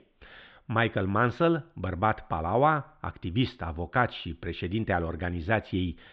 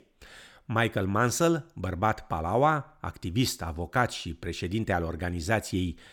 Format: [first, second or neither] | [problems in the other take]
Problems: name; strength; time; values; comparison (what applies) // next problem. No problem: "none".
second | muffled; very; fading above 3.5 kHz